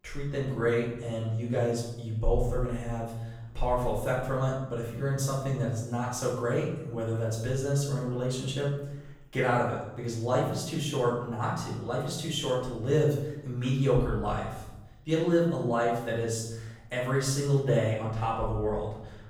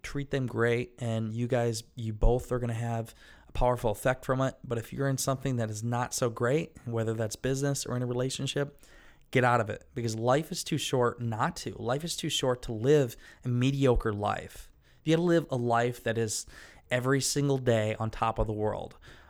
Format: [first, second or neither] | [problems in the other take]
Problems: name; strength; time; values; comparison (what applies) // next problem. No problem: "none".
second | room echo; noticeable; dies away in 0.9 s // off-mic speech; far